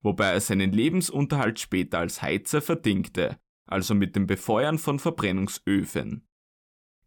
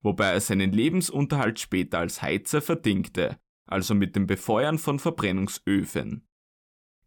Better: neither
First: none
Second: none

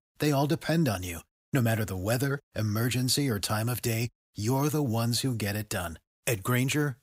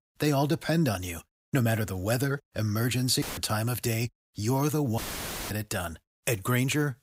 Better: first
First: none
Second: audio cutting out; filled with static; at 3 s and at 5 s for 0.5 s

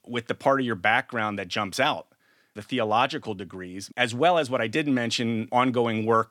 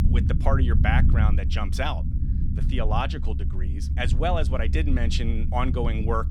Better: first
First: none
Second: low rumble; noticeable; throughout; 10 dB below the speech

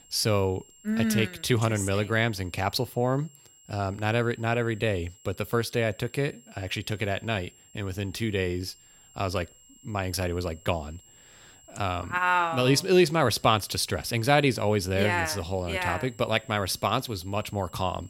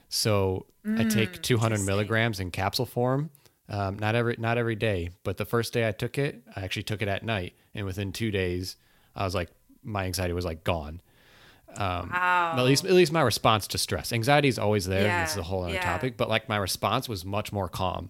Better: second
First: high-pitched whine; faint; throughout; 7.5 kHz, 25 dB below the speech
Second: none

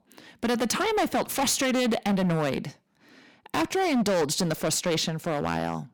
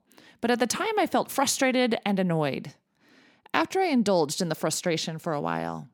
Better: second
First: distortion; heavy; 14% of the sound clipped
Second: none

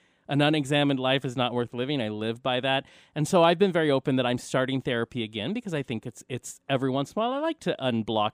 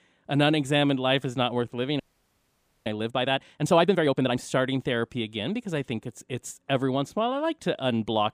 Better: first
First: none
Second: audio freezing; at 2 s for 1 s

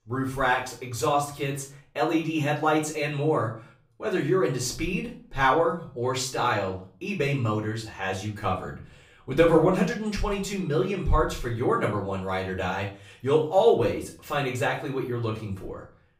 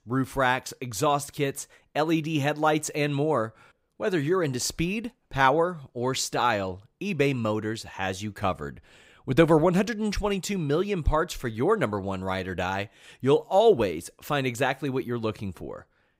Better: second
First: off-mic speech; far // room echo; slight; dies away in 0.3 s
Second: none

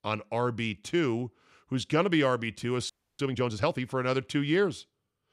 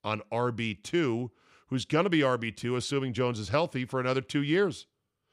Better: second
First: audio freezing; at 3 s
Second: none

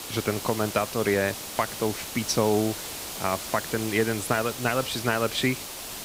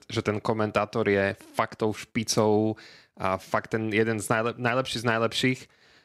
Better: second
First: hiss; loud; throughout; 7 dB below the speech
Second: none

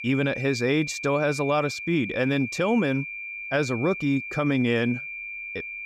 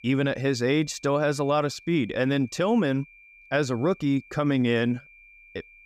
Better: second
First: high-pitched whine; loud; throughout; 2.5 kHz, 8 dB below the speech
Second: high-pitched whine; faint; throughout; 2.5 kHz, 25 dB below the speech

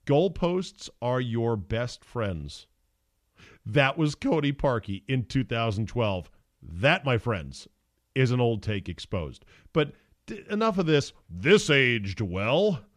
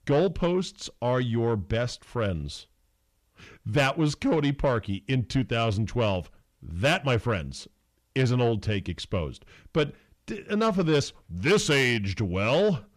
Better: first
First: none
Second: distortion; slight; 10 dB below the speech

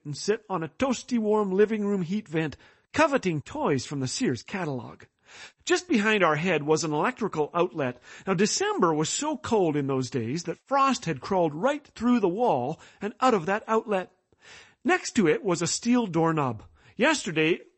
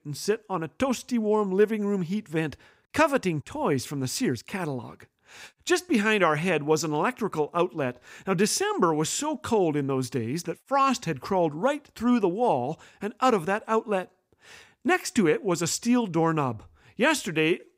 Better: second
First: garbled, watery; slightly; nothing above 8 kHz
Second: none

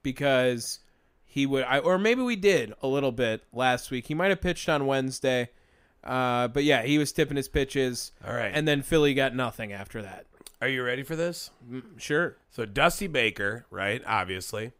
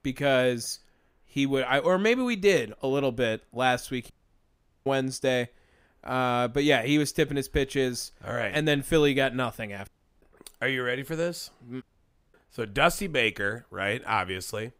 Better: first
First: none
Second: audio cutting out; at 4 s for 1 s, at 10 s and at 12 s for 0.5 s

